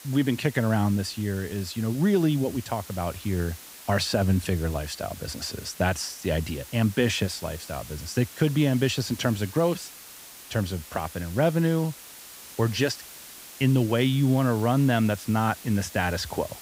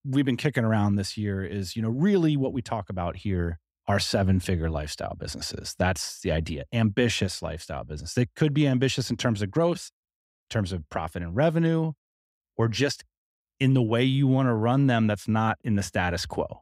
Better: second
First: hiss; noticeable; throughout; 15 dB below the speech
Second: none

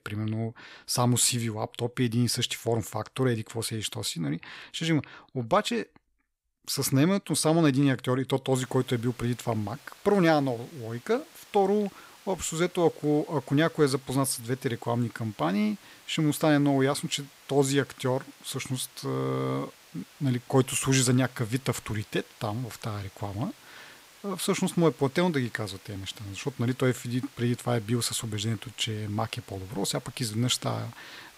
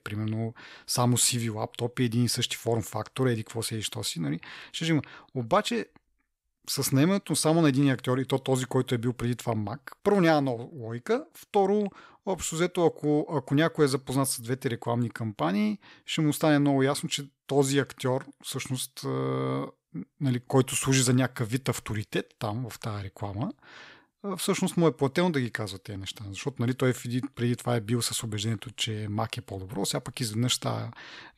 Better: second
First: hiss; faint; from 8.5 s on; 25 dB below the speech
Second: none

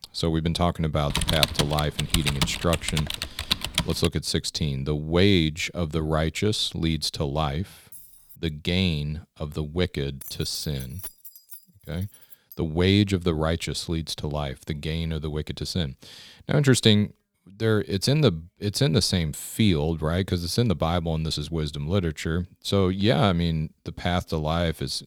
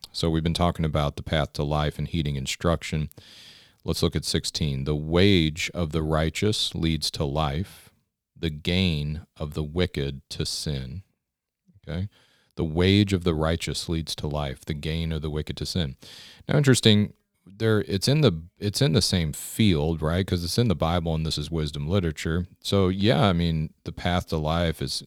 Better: second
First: keyboard typing; loud; from 1 to 4 s; peak 3 dB above the speech // jangling keys; faint; at 8 s and from 10 to 13 s; peak 10 dB below the speech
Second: none

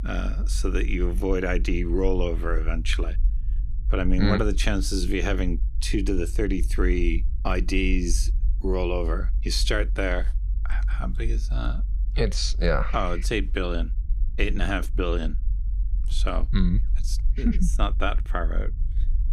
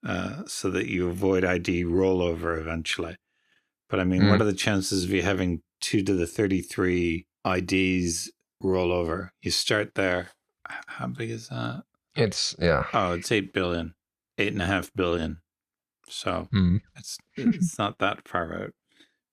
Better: second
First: low rumble; faint; throughout; 20 dB below the speech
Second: none

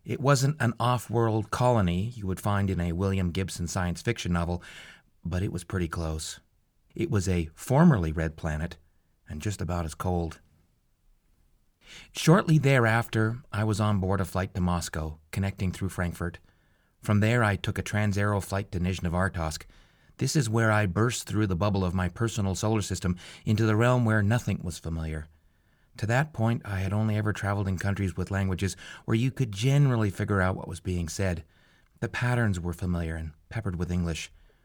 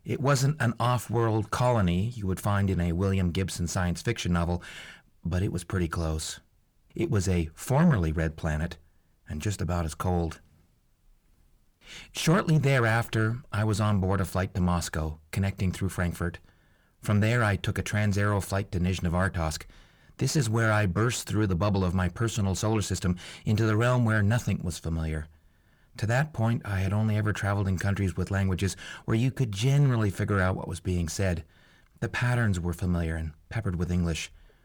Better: first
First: none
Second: distortion; slight; 10 dB below the speech

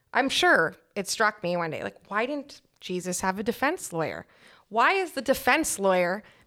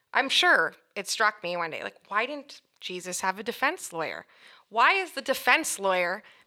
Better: first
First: none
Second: thin; very slightly; fading below 400 Hz

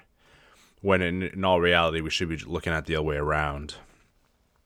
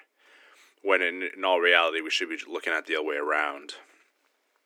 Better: first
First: none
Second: thin; somewhat; fading below 300 Hz

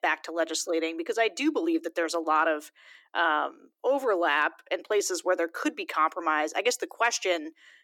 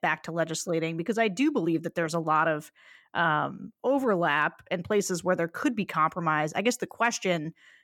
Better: second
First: thin; somewhat; fading below 300 Hz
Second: none

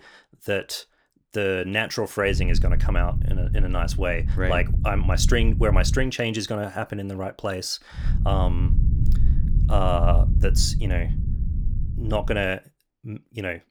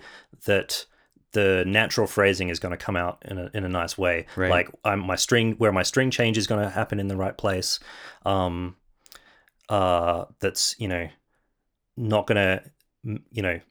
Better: second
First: low rumble; noticeable; from 2.5 to 6 s and from 8 to 12 s; 15 dB below the speech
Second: none

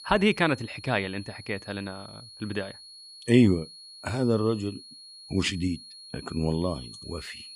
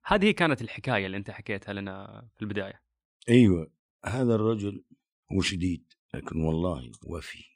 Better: second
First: high-pitched whine; noticeable; throughout; 4.5 kHz, 15 dB below the speech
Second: none

